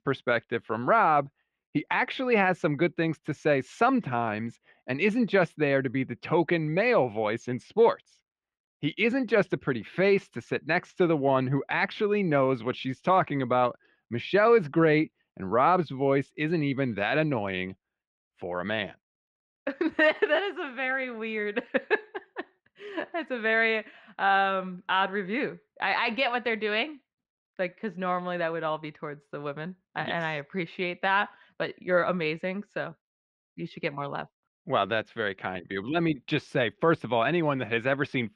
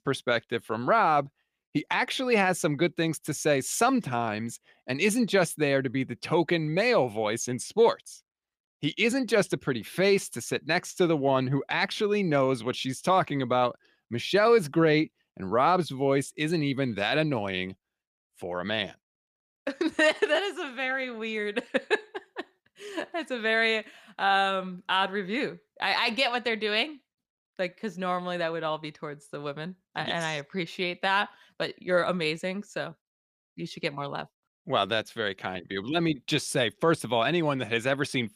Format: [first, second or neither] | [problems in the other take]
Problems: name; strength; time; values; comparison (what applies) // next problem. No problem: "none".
second | muffled; slightly; fading above 2 kHz